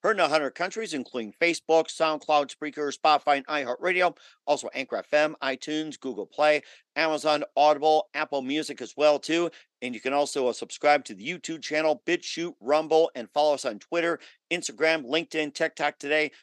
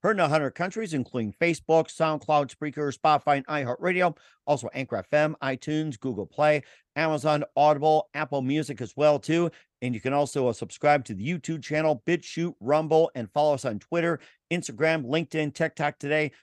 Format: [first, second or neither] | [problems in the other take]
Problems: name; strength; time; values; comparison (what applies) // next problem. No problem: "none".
second | thin; very slightly; fading below 300 Hz